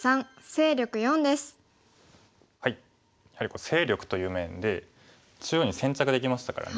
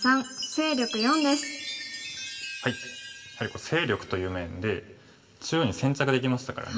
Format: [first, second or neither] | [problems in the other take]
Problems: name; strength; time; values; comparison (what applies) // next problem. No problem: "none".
first | background sound (Chime); 10 dB below the speech // room echo; dies away in 1.3 s